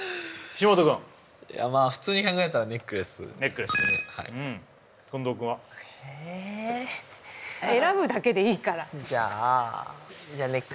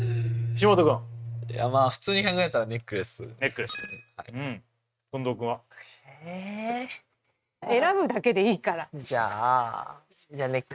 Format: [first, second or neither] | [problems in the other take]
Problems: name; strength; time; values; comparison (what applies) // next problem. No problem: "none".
first | noise reduction (neural mask model RNNoise)